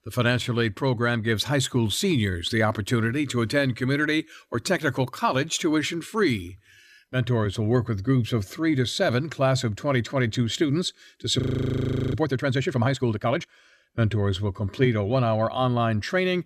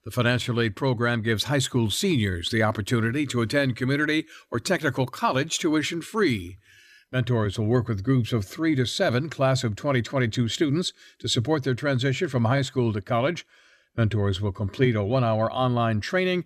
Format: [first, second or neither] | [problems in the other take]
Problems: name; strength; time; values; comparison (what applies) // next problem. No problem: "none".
second | audio freezing; at 11 s for 0.5 s